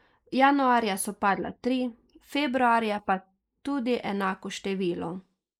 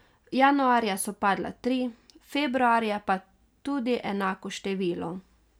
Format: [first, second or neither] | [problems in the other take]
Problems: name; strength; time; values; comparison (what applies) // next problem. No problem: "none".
second | noise reduction (neural mask model Resemble Enhance denoiser)